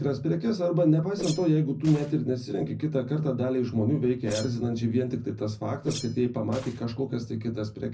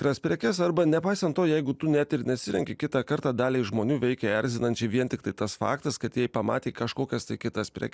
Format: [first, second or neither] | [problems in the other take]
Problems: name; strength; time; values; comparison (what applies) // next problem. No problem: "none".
second | background sound (Whoosh, swoosh, swish); 18 dB below the speech // room echo; dies away in 0.4 s